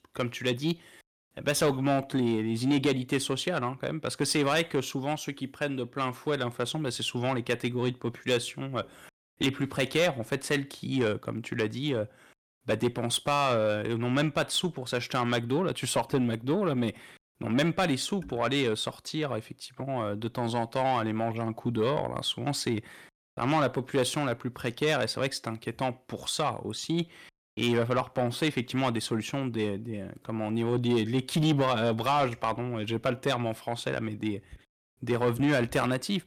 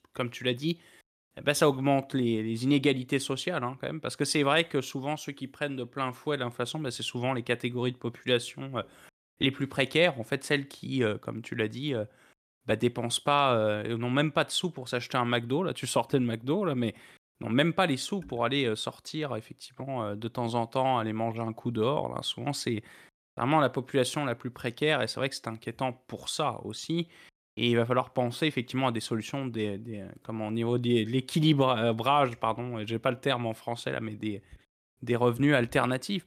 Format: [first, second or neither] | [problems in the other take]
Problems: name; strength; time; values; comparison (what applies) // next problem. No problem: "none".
second | distortion; slight; 10 dB below the speech